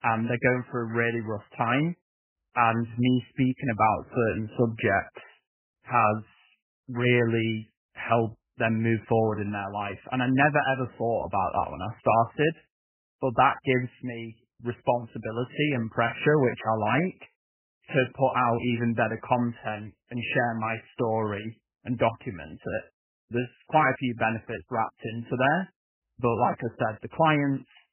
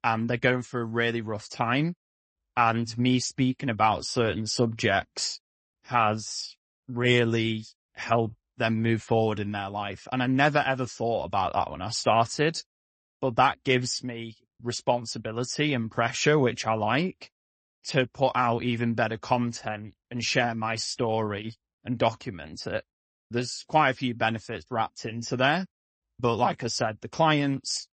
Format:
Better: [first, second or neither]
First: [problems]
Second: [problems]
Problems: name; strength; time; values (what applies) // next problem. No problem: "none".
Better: second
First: garbled, watery; badly; nothing above 3 kHz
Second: garbled, watery; slightly; nothing above 8 kHz